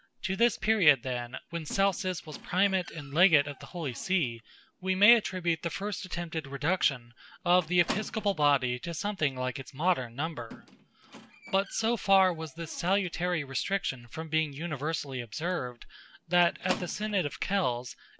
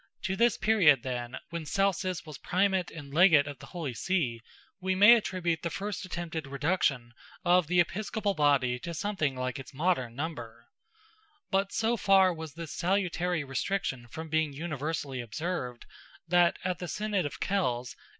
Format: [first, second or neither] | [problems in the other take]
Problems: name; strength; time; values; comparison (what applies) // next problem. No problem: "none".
second | background sound (Squeak); 18 dB below the speech